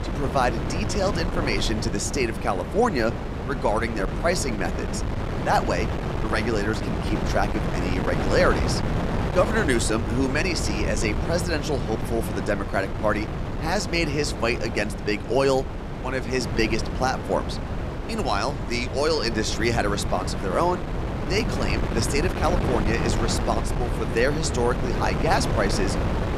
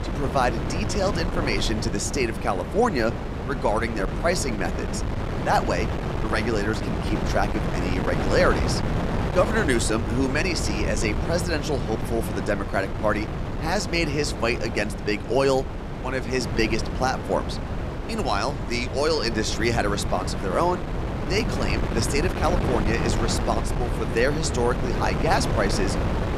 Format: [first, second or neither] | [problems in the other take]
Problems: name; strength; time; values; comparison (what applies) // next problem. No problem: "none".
neither | wind noise on the microphone; heavy; 6 dB below the speech; the same in both